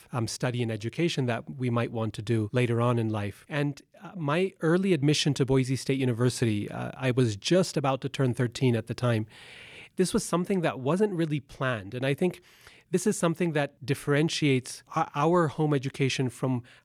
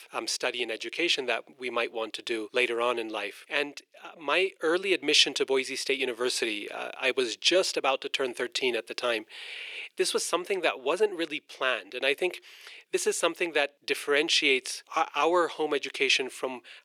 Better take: first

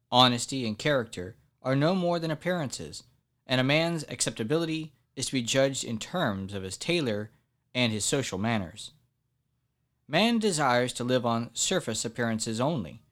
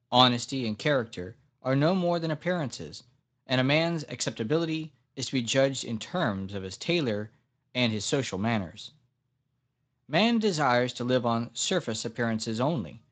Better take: first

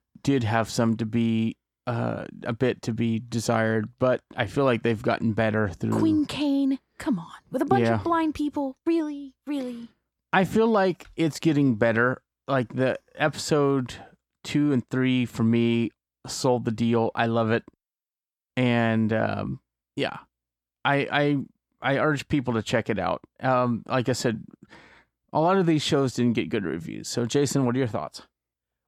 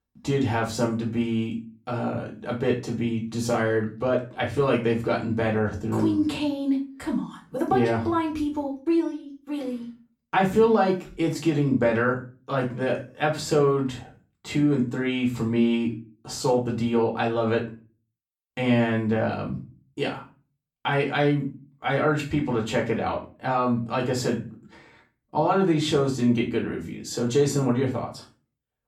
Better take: first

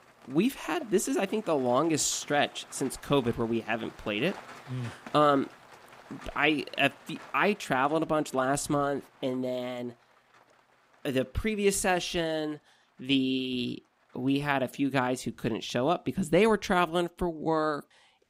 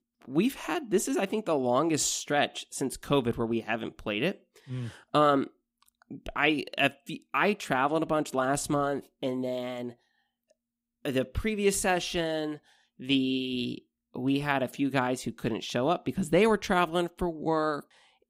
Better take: second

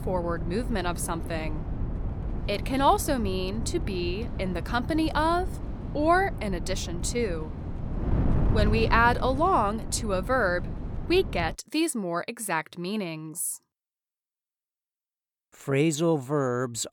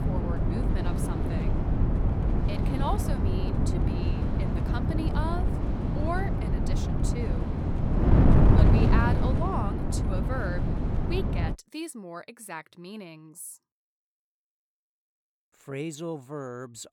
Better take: first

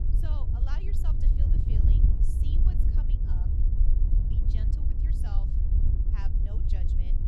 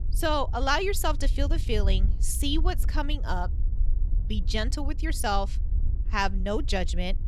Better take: second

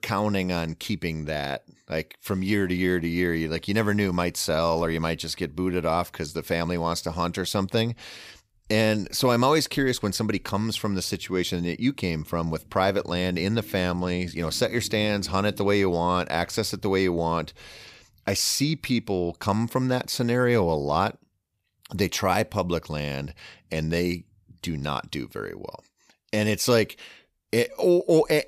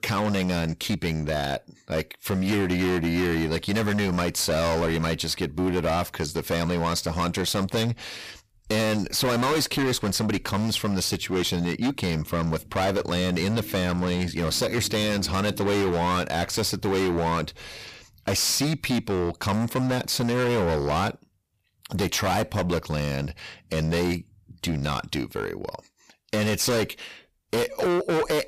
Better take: first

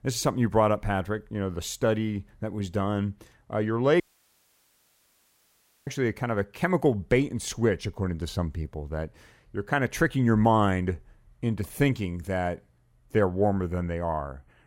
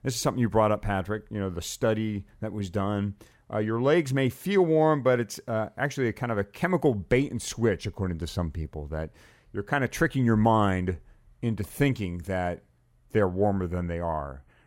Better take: second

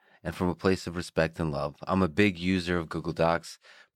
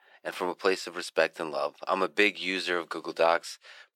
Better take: first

